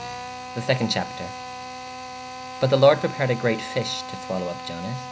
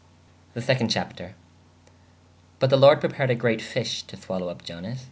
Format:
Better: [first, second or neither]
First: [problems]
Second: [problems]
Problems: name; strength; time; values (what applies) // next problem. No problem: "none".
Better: second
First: background sound (Drill); 10 dB below the speech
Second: none